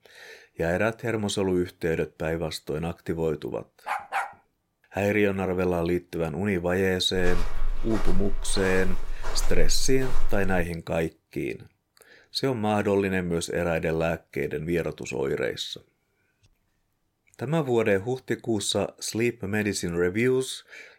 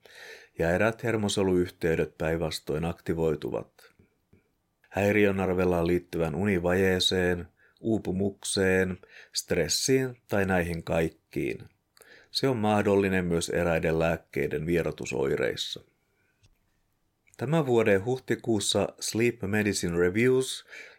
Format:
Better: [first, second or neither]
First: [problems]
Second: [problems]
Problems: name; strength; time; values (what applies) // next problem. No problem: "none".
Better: second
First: dog barking; noticeable; at 4 s; peak 2 dB below the speech // footsteps; noticeable; from 7 to 11 s; peak 6 dB below the speech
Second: none